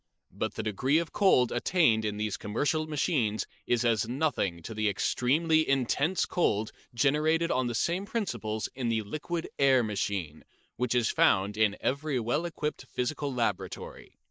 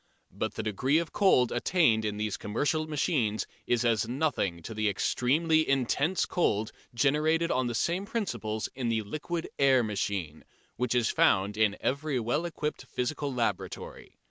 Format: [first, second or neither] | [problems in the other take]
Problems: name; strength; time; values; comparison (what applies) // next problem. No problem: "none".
second | noise reduction (neural mask model Resemble Enhance denoiser)